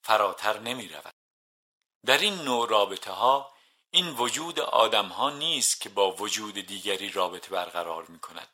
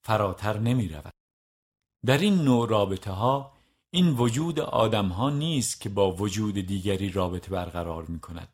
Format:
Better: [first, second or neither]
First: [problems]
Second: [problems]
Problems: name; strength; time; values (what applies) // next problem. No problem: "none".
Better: second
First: thin; very; fading below 700 Hz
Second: none